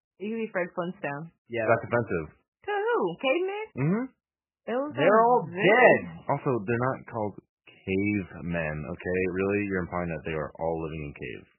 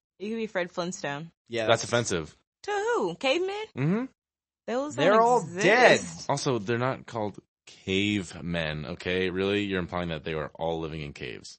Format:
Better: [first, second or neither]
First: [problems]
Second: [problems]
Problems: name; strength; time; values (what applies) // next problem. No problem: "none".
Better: second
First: garbled, watery; badly; nothing above 3 kHz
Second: garbled, watery; slightly; nothing above 8 kHz